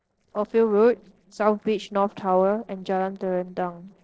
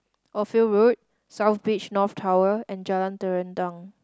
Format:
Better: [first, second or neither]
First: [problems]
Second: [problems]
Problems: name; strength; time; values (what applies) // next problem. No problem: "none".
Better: second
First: noise reduction (neural separator model SepFormer DNS4)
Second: none